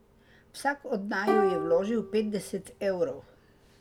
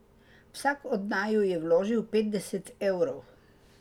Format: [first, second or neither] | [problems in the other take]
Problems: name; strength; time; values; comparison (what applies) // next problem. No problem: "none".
second | background sound (Plucked string instrument); 3 dB below the speech